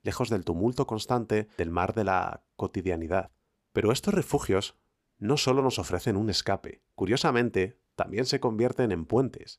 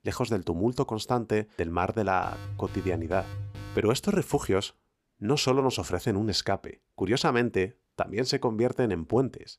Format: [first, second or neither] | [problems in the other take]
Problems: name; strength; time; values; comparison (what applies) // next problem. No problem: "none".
first | alarm; faint; from 2 to 4 s; peak 10 dB below the speech